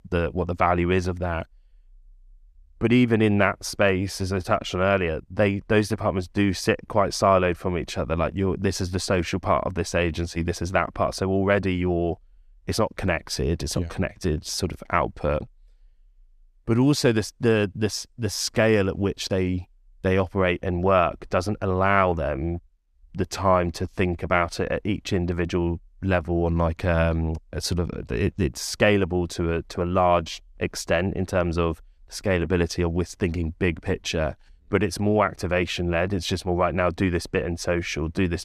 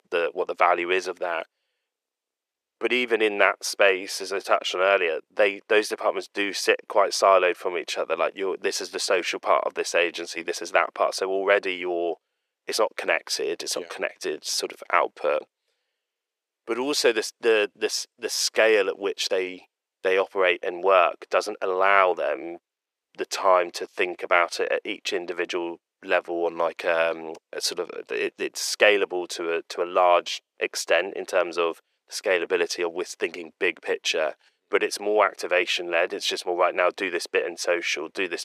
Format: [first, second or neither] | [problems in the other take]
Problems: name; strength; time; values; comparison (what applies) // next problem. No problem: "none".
first | thin; very; fading below 400 Hz